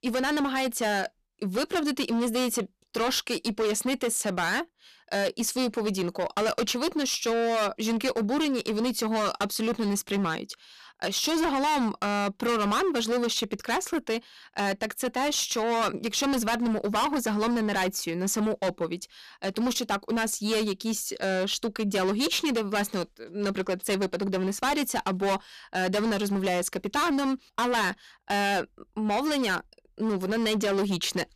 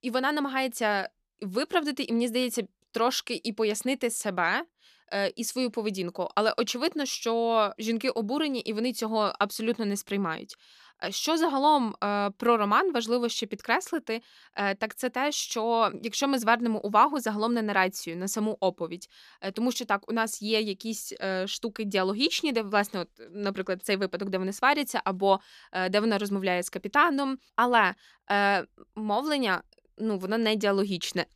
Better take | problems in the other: second | distortion; heavy; 19% of the sound clipped

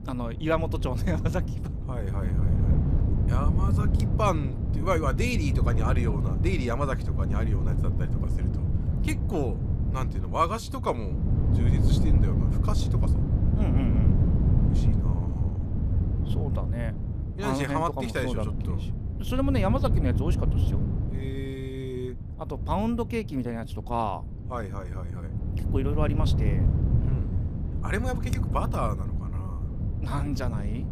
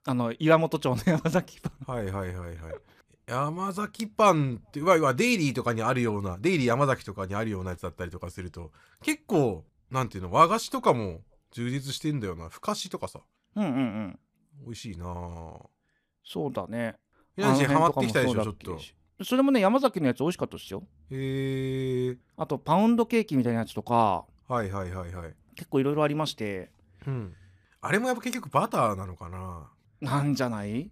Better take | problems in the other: second | wind noise on the microphone; heavy; 7 dB below the speech

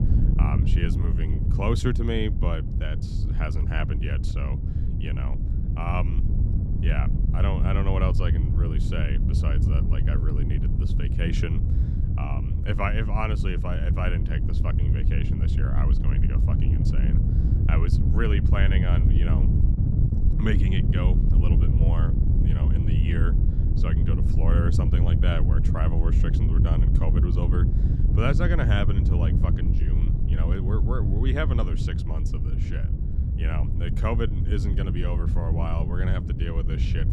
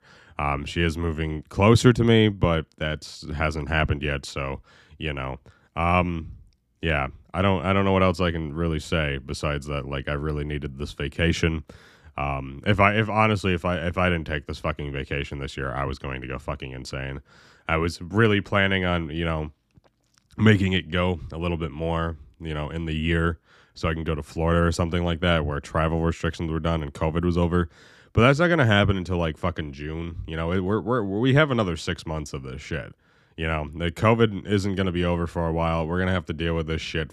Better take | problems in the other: second | wind noise on the microphone; heavy; 3 dB below the speech

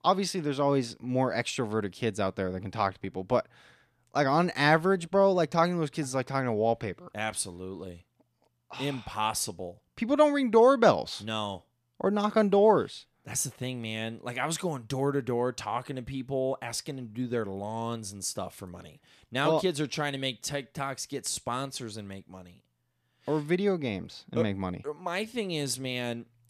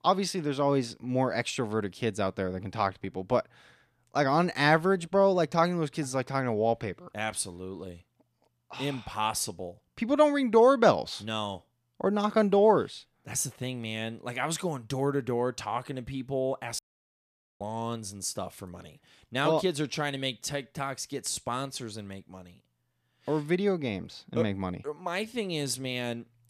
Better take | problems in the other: first | audio cutting out; at 17 s for 1 s

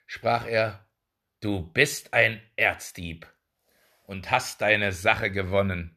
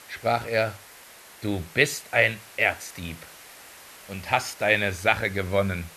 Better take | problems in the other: first | hiss; faint; throughout; 20 dB below the speech

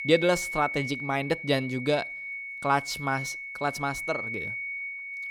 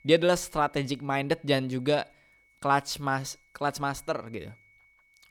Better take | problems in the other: second | high-pitched whine; loud; throughout; 2 kHz, 6 dB below the speech; faint in the second

